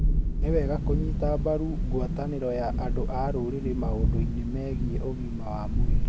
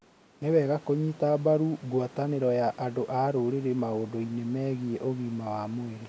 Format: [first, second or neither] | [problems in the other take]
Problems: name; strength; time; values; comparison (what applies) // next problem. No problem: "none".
second | background sound (Thunderstorm); 5 dB above the speech